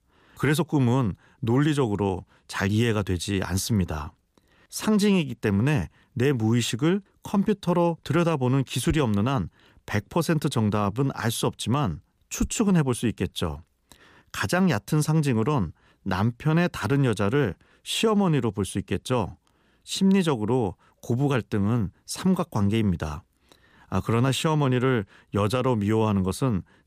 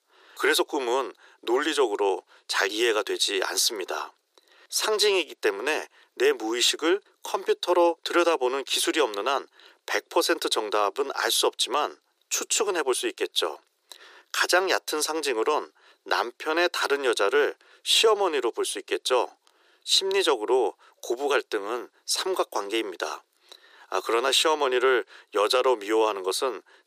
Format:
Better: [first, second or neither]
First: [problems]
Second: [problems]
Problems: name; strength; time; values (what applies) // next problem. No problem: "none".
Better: first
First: none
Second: thin; very; fading below 350 Hz